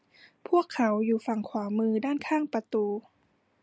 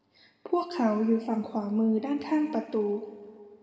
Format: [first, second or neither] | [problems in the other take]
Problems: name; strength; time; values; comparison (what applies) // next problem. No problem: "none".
first | room echo; dies away in 1.8 s